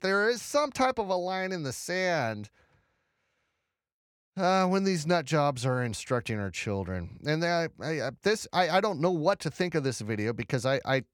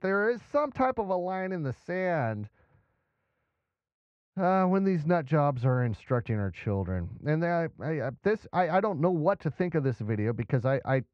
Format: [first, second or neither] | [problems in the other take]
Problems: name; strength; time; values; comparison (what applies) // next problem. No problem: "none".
first | muffled; very; fading above 1.5 kHz